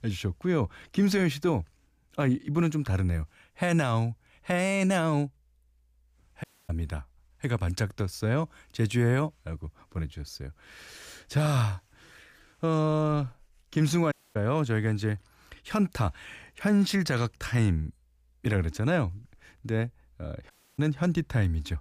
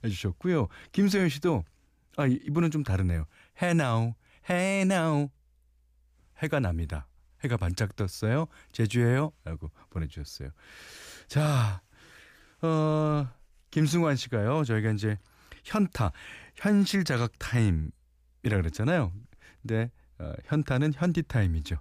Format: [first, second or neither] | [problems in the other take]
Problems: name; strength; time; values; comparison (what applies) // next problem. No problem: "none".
second | audio cutting out; at 6.5 s, at 14 s and at 21 s